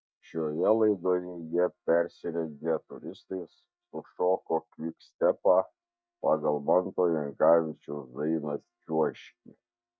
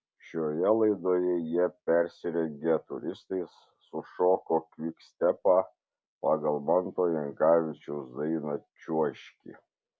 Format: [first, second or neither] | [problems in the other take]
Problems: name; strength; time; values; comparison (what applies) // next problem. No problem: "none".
second | noise reduction (neural mask model DeepFilterNet 3)